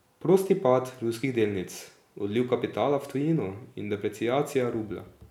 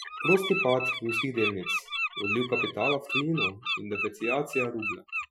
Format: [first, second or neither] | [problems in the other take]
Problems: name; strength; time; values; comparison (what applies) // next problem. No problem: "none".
first | noise reduction (classical method Wiener filter)